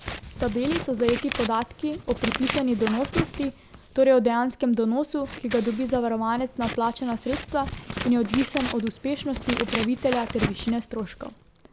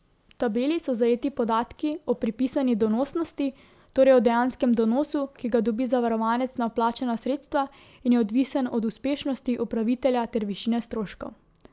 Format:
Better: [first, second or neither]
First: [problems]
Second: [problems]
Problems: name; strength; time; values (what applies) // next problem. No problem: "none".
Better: second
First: background sound (Scissors); 9 dB below the speech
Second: none